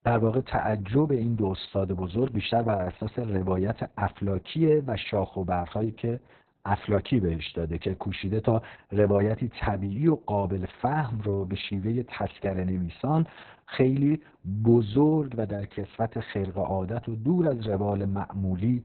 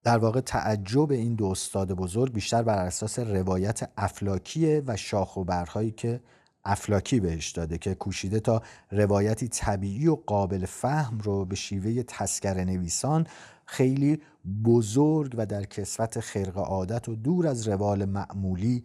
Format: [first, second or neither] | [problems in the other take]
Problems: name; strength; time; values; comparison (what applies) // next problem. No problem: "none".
second | garbled, watery; badly; nothing above 4 kHz